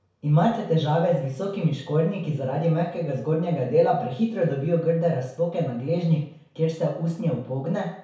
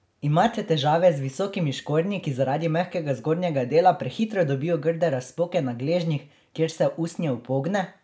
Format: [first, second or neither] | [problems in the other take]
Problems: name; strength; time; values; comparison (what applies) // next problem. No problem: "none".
second | room echo; dies away in 0.6 s